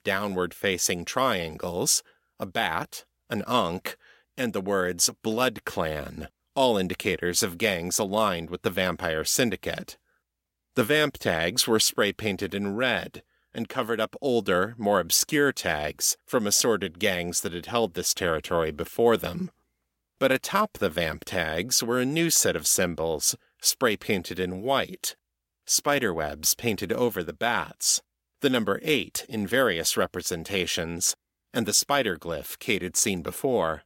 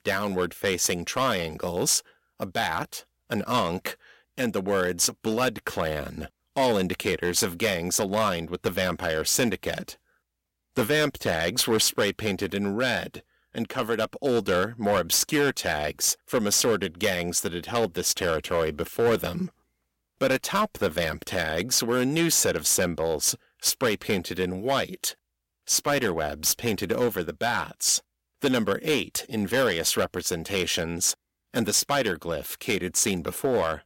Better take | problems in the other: first | distortion; slight; 5% of the sound clipped

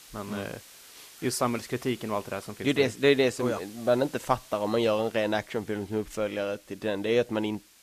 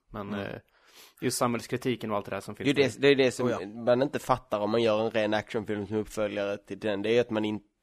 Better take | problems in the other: second | hiss; faint; throughout; 20 dB below the speech

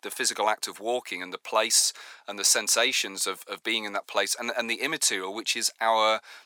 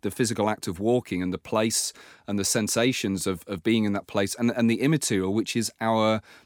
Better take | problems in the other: second | thin; very; fading below 800 Hz

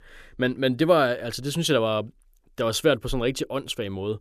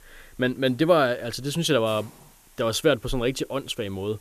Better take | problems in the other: first | hiss; faint; throughout; 25 dB below the speech

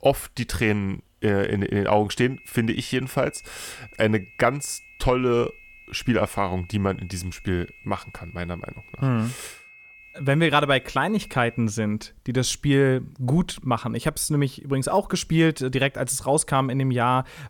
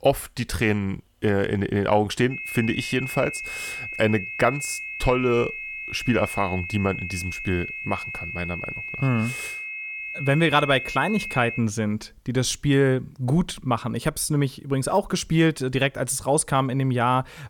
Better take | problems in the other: first | high-pitched whine; loud; from 2.5 to 12 s; 2.5 kHz, 7 dB below the speech; faint in the first

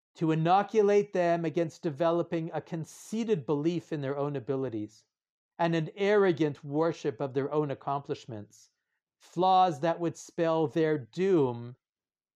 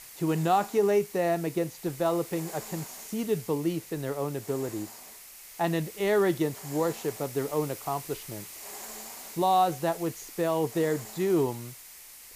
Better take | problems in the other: first | hiss; noticeable; throughout; 15 dB below the speech

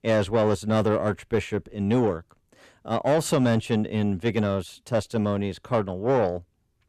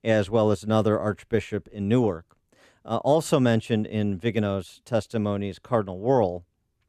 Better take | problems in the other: second | distortion; slight; 10 dB below the speech

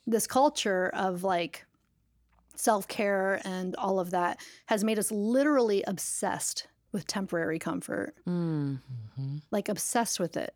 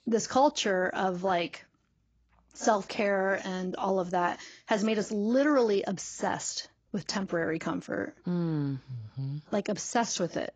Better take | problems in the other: first | garbled, watery; badly; nothing above 7.5 kHz

